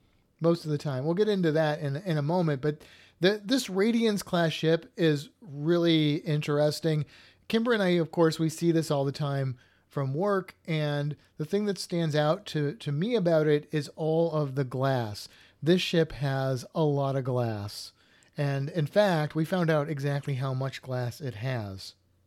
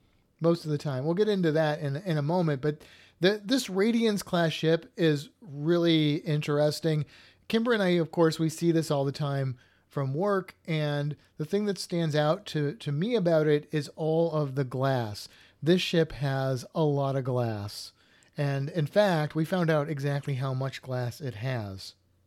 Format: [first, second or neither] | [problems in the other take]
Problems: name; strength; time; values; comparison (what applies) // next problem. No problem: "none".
neither | none